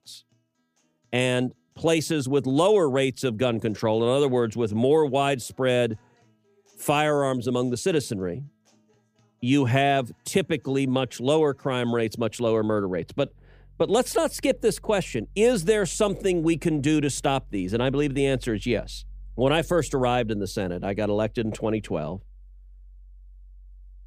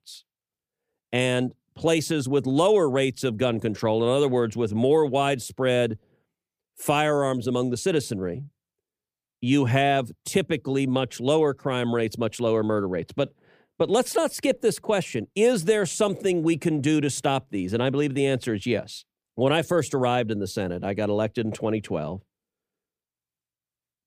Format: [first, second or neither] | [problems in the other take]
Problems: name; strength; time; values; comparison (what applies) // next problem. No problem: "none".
second | background music; faint; throughout; 25 dB below the speech